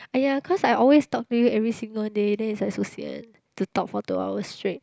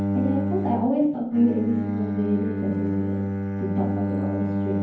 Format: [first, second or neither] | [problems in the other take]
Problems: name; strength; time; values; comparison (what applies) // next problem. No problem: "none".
first | background sound (Bowed string instrument); as loud as the speech // room echo; dies away in 0.9 s